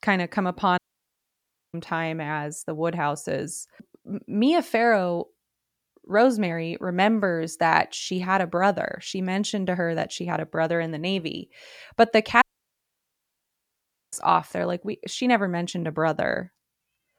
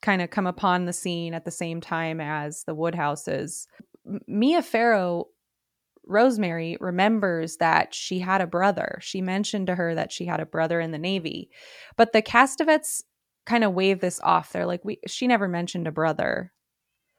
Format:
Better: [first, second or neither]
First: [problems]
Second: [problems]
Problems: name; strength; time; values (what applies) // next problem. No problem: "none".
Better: second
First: audio cutting out; at 1 s for 1 s and at 12 s for 1.5 s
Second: none